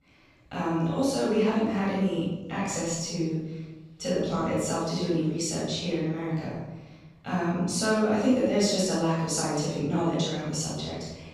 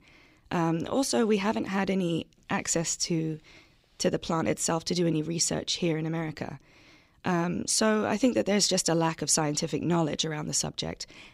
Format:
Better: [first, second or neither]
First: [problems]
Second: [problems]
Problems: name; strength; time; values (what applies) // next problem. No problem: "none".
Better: second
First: off-mic speech; far // room echo; strong; dies away in 1.2 s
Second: none